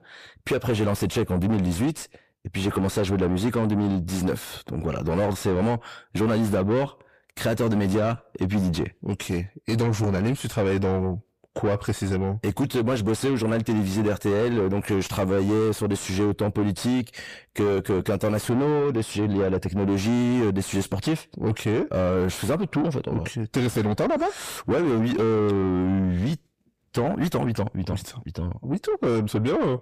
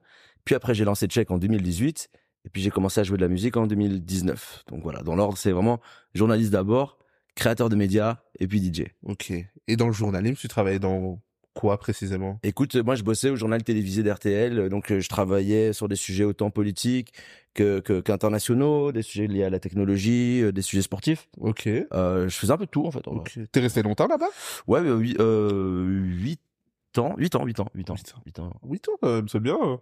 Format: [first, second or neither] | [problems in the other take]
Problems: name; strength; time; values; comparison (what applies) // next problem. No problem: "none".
second | distortion; heavy; 7 dB below the speech